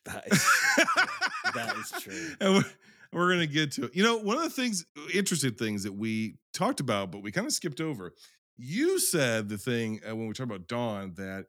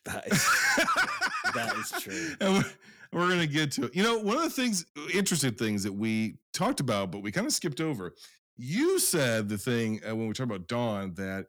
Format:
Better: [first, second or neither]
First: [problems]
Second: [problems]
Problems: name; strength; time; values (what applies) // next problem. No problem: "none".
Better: first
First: none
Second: distortion; slight; 10 dB below the speech